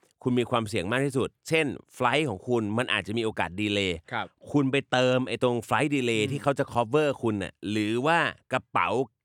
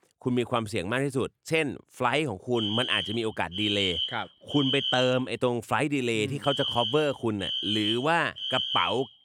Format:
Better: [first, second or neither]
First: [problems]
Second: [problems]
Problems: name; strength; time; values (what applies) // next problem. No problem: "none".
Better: first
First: none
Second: alarm; loud; from 2.5 s on; peak 1 dB above the speech